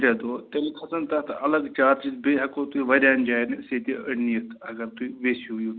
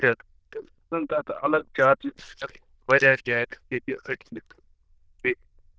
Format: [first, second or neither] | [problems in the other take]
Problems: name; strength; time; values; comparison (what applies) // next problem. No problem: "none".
first | noise reduction (neural diffusion model UNIVERSE++)